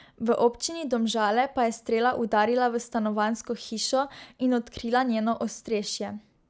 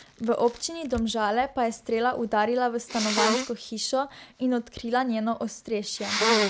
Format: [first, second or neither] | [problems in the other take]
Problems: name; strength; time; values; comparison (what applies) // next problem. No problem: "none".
first | background sound (Sneeze); 5 dB below the speech